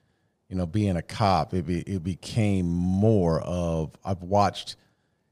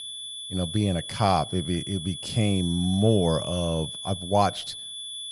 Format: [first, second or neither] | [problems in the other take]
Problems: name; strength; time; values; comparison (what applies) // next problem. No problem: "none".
first | high-pitched whine; loud; throughout; 3.5 kHz, 8 dB below the speech